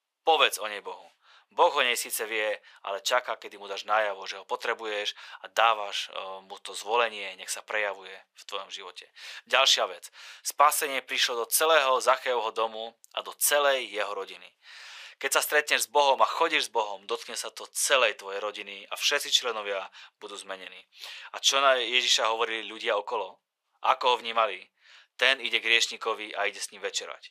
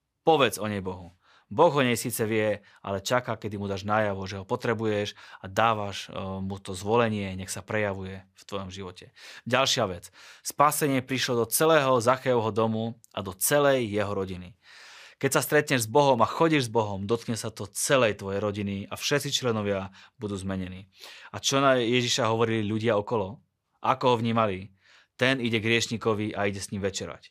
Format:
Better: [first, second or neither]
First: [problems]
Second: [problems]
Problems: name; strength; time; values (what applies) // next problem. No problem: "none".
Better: second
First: thin; very; fading below 600 Hz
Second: none